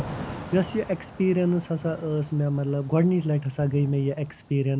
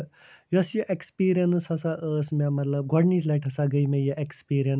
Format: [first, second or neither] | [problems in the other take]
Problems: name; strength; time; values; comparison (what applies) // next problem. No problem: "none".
second | background sound (Thunder / Rain); 15 dB below the speech